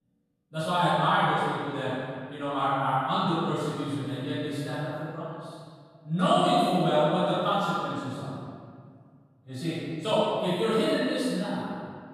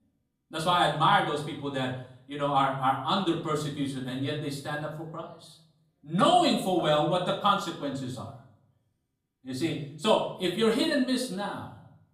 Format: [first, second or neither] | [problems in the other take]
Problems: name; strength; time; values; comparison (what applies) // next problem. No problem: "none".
second | room echo; strong; dies away in 1.9 s; slight in the second // off-mic speech; far; far in the second